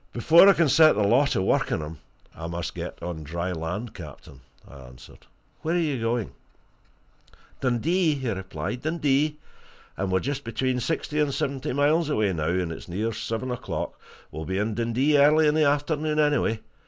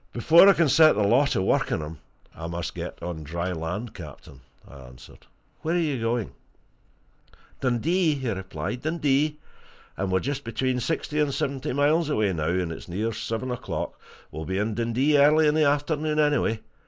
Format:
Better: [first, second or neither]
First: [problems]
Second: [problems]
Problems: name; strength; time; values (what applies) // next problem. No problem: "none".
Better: first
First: none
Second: noise reduction (neural mask model Resemble Enhance denoiser)